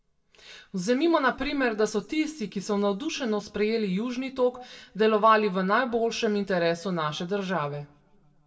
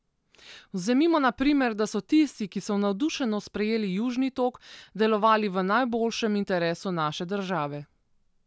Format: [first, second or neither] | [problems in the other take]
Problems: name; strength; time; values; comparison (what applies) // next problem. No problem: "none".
second | room echo; dies away in 0.4 s